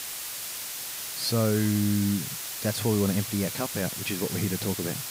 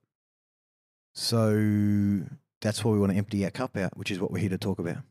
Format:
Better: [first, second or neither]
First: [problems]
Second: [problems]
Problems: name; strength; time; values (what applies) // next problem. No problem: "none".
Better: second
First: hiss; loud; throughout; 4 dB below the speech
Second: none